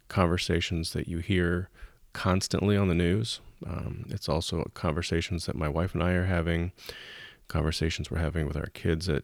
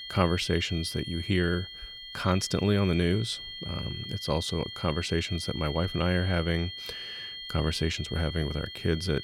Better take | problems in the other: first | high-pitched whine; loud; throughout; 3 kHz, 9 dB below the speech

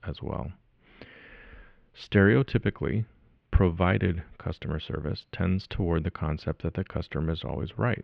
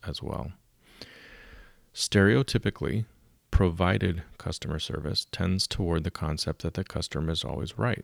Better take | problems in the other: second | muffled; very; fading above 2.5 kHz

